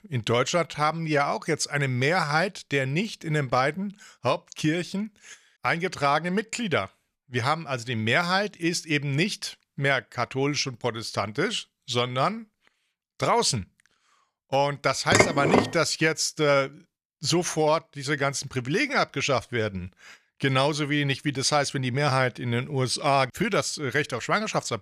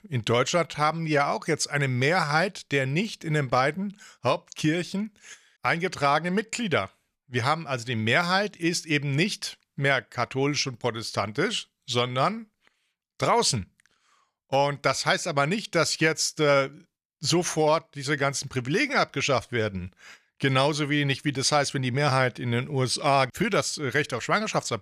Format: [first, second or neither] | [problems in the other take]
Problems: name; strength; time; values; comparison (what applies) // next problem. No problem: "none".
second | clattering dishes; loud; at 15 s; peak 4 dB above the speech